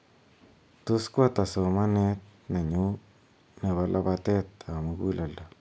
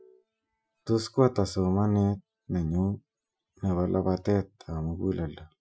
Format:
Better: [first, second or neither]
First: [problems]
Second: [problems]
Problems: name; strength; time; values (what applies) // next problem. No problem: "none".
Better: first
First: none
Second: noise reduction (classical method Wiener filter)